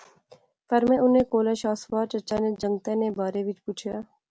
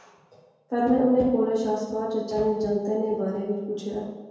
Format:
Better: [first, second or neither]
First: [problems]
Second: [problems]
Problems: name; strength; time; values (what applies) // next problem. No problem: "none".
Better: first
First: none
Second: room echo; dies away in 1.2 s